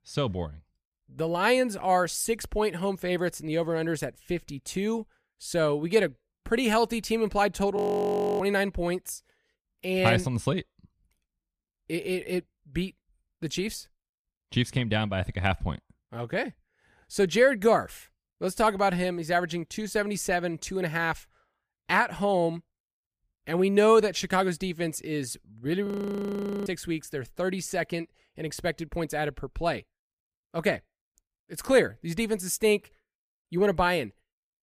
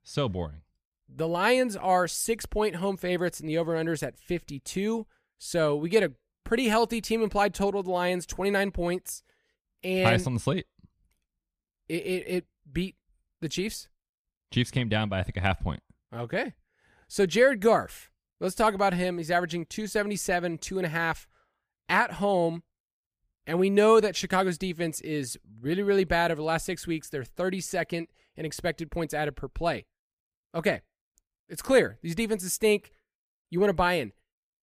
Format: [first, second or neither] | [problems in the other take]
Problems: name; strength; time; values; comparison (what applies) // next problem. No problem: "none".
second | audio freezing; at 8 s for 0.5 s and at 26 s for 1 s